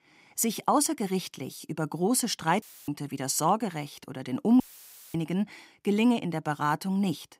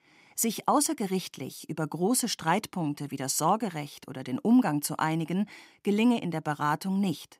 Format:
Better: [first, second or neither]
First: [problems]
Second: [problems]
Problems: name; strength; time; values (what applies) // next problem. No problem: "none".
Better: second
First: audio cutting out; filled with static; at 2.5 s and at 4.5 s for 0.5 s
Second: none